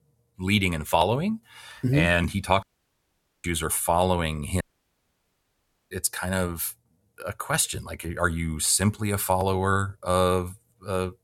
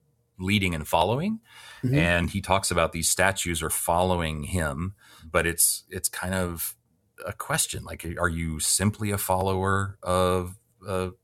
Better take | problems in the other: second | audio cutting out; at 2.5 s for 1 s and at 4.5 s for 1.5 s

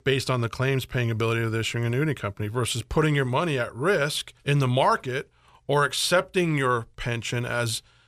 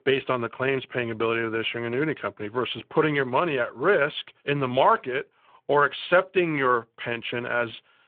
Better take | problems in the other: first | phone-call audio

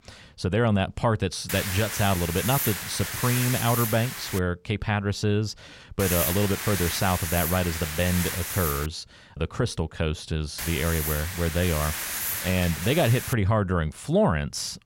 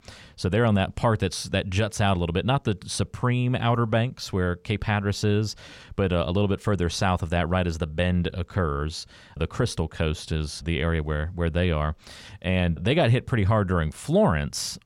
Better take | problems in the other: second | hiss; loud; from 1.5 to 4.5 s, from 6 to 9 s and from 11 to 13 s; 3 dB below the speech

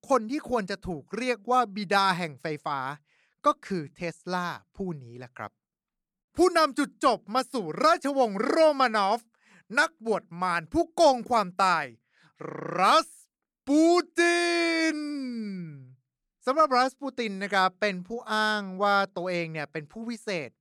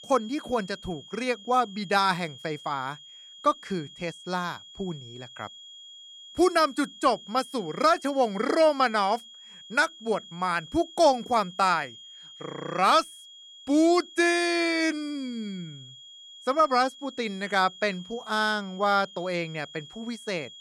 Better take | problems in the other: first | high-pitched whine; noticeable; throughout; 3.5 kHz, 20 dB below the speech

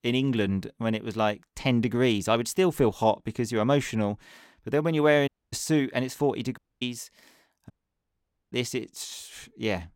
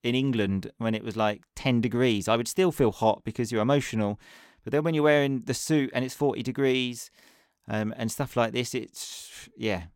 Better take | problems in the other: second | audio cutting out; at 5.5 s, at 6.5 s and at 7.5 s for 1 s

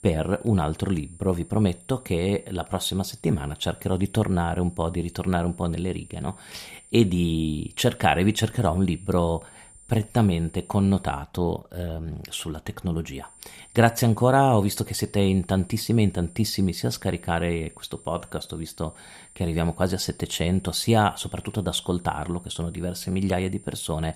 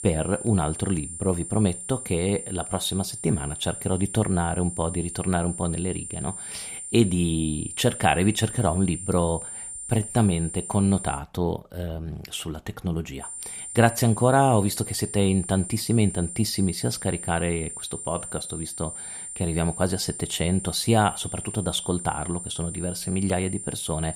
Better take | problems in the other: first | high-pitched whine; loud; until 11 s and from 13 s on; 9 kHz, 8 dB below the speech; faint in the first

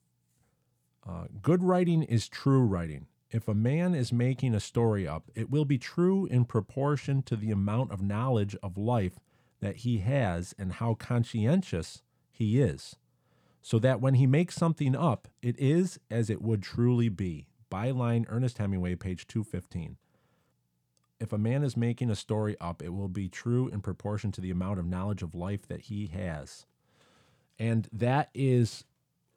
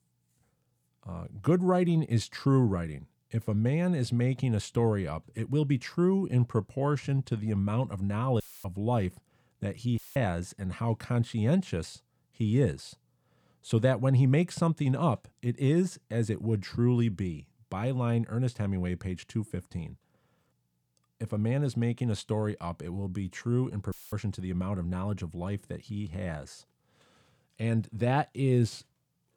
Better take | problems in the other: first | audio cutting out; filled with static; at 8.5 s, at 10 s and at 24 s

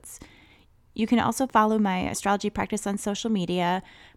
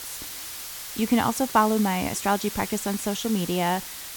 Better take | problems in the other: first | hiss; loud; throughout; 9 dB below the speech

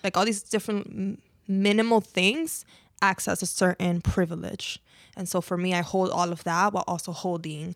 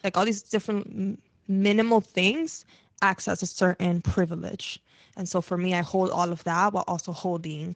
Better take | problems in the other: first | garbled, watery; slightly

